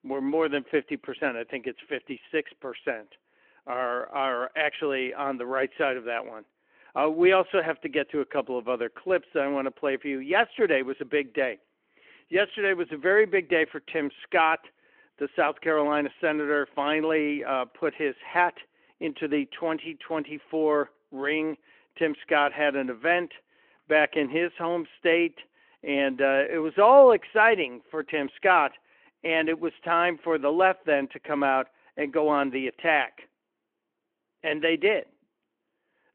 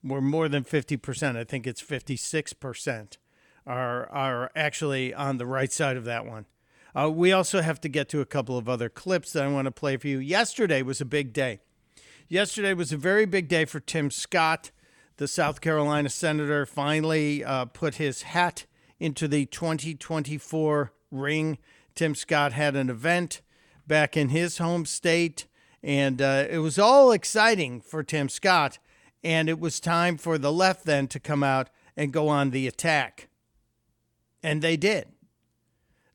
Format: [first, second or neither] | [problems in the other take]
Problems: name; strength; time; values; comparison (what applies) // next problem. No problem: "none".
second | phone-call audio